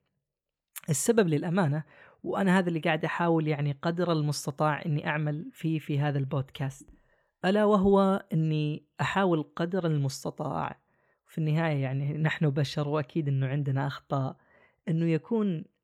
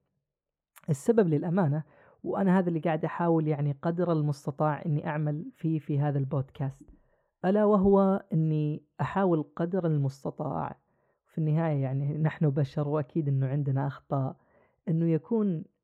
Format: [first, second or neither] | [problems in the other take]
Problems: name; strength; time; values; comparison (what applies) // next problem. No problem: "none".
first | muffled; slightly; fading above 1.5 kHz